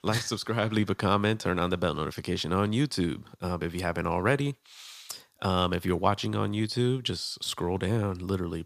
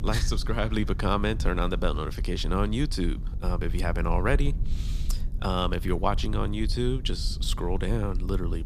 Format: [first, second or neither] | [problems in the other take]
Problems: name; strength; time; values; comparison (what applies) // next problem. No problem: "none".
first | low rumble; noticeable; throughout; 20 dB below the speech